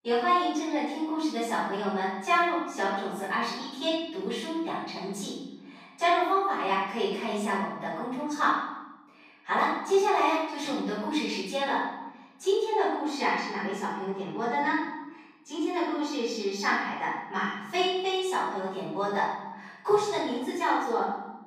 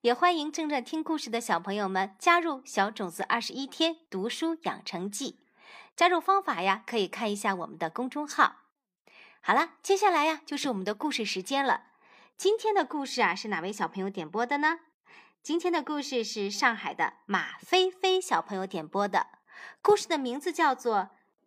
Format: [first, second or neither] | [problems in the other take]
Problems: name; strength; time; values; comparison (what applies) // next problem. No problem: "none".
second | off-mic speech; far // room echo; strong; dies away in 1.1 s